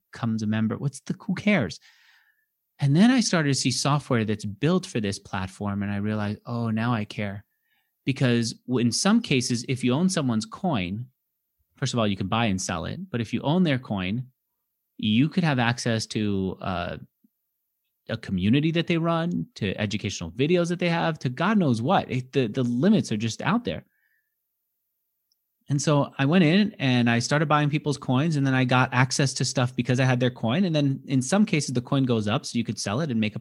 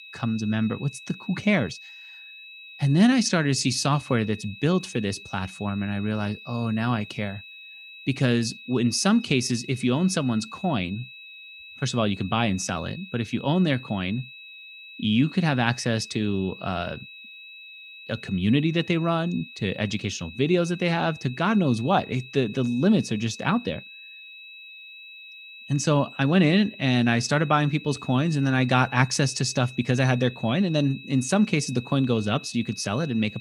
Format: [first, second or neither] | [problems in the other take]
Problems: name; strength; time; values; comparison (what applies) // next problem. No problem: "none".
first | high-pitched whine; noticeable; throughout; 2.5 kHz, 15 dB below the speech